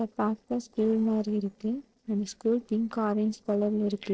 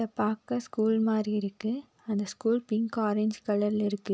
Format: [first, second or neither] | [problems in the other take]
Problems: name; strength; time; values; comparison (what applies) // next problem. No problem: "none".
second | noise reduction (neural separator model SepFormer DNS4)